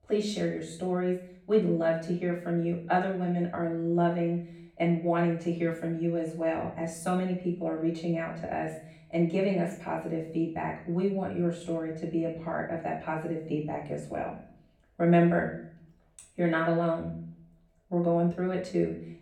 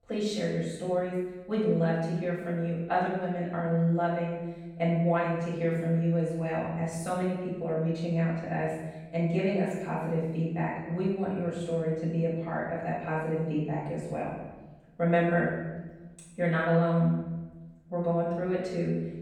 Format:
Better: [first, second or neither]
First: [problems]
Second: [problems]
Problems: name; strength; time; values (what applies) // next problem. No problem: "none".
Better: first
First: room echo; slight; dies away in 0.5 s // off-mic speech; far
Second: room echo; strong; dies away in 1 s // off-mic speech; far